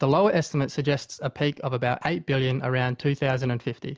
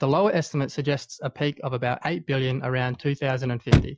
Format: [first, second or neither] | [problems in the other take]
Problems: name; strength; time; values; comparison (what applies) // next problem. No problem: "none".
first | noise reduction (classical method Wiener filter)